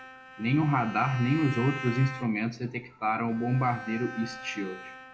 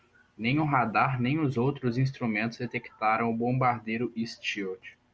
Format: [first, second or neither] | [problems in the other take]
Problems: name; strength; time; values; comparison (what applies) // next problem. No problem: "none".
second | background sound (Bowed string instrument); 13 dB below the speech // room echo; dies away in 0.3 s